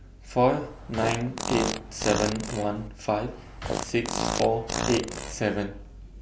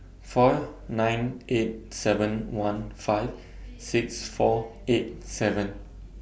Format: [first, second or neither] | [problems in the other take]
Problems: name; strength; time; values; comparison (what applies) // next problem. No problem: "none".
second | background sound (Fart); 4 dB below the speech